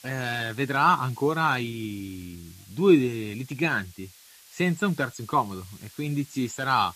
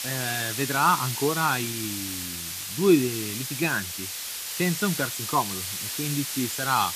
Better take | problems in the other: first | hiss; loud; throughout; 4 dB below the speech; faint in the first

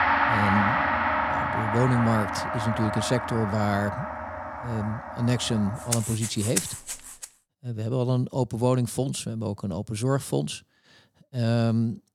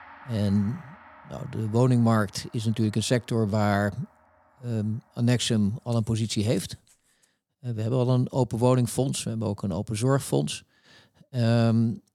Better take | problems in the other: second | background music; loud; until 7 s; 1 dB below the speech; faint in the second

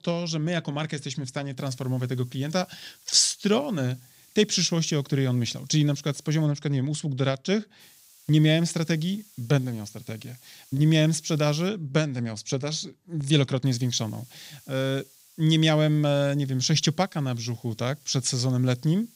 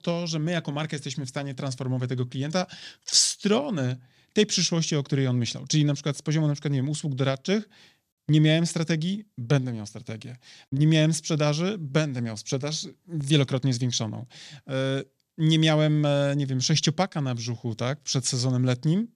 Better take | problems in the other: second | hiss; faint; from 1.5 to 6.5 s, from 8 to 12 s and from 14 s on; 25 dB below the speech

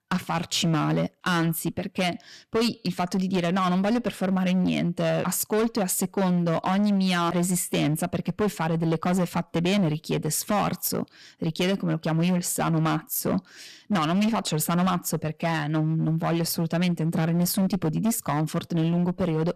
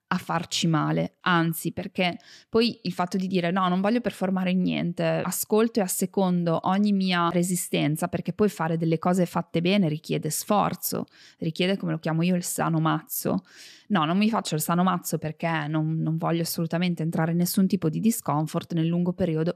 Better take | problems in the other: second | distortion; slight; 15% of the sound clipped

